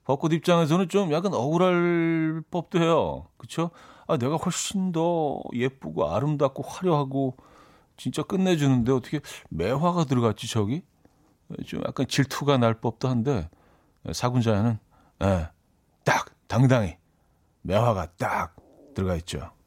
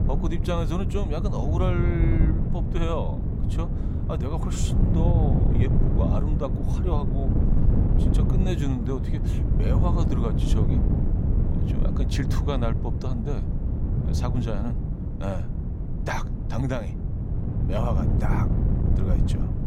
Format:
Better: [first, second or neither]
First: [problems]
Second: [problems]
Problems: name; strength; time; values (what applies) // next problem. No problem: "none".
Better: first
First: none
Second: wind noise on the microphone; heavy; 2 dB below the speech